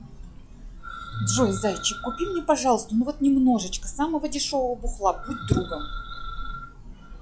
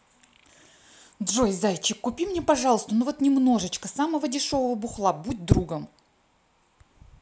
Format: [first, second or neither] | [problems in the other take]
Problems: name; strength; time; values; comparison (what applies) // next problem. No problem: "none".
second | noise reduction (classical method log-MMSE)